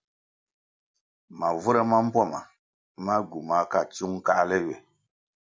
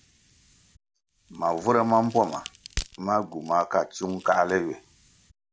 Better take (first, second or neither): first